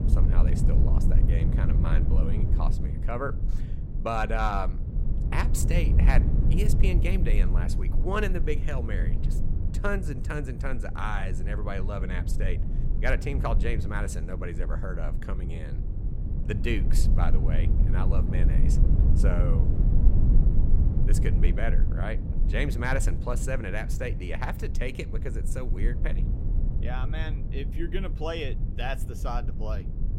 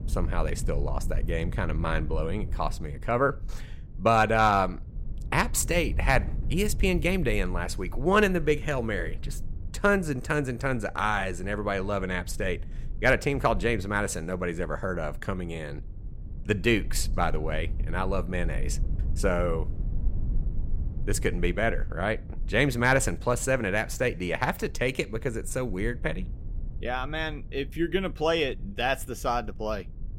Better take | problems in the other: second | low rumble; loud; throughout; 7 dB below the speech; faint in the second

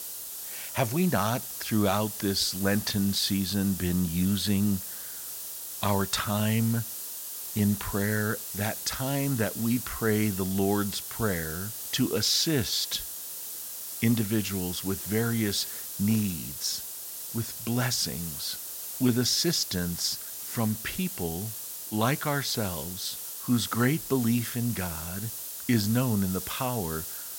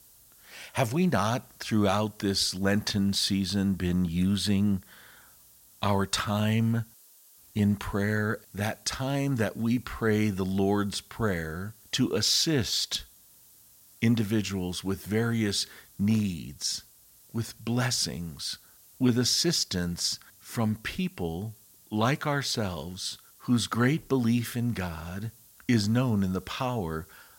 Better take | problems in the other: second | hiss; loud; throughout; 6 dB below the speech; faint in the second

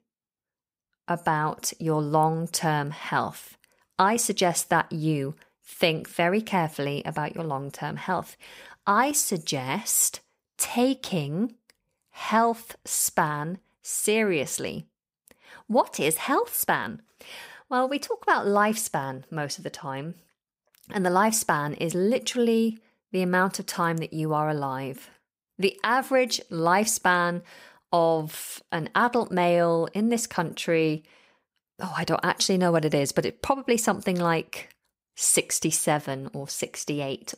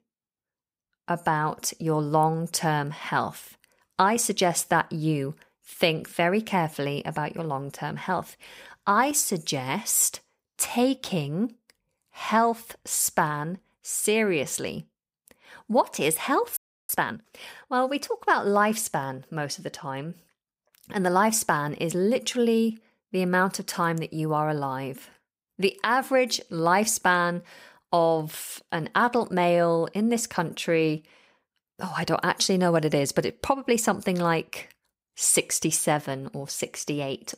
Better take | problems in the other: first | audio freezing; at 17 s

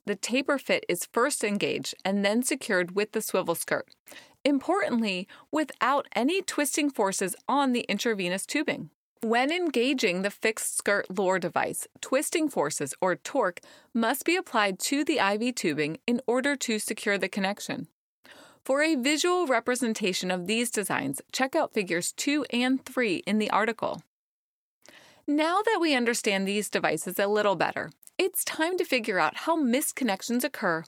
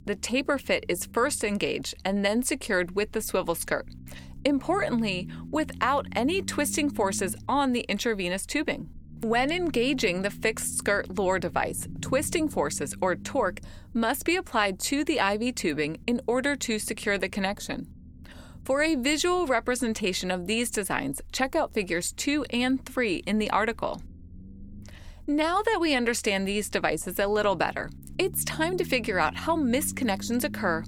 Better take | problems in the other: first | low rumble; faint; throughout; 25 dB below the speech

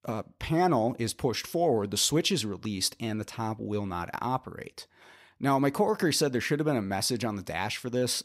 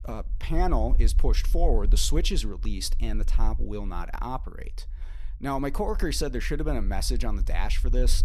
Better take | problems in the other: first | low rumble; faint; throughout; 20 dB below the speech

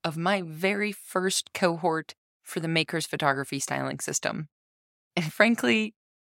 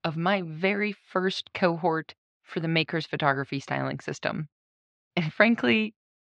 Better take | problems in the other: first | muffled; slightly; fading above 4 kHz

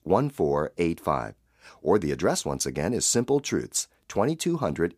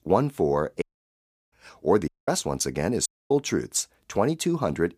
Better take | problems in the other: first | audio cutting out; at 1 s for 0.5 s, at 2 s and at 3 s

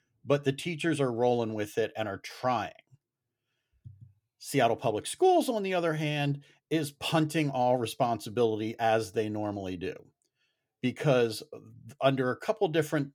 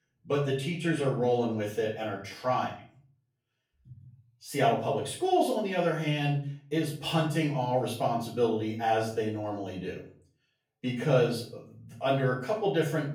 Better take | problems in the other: first | off-mic speech; far // room echo; slight; dies away in 0.4 s

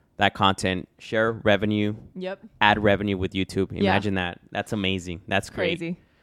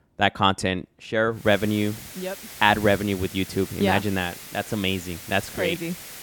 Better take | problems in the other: first | hiss; noticeable; from 1.5 s on; 15 dB below the speech

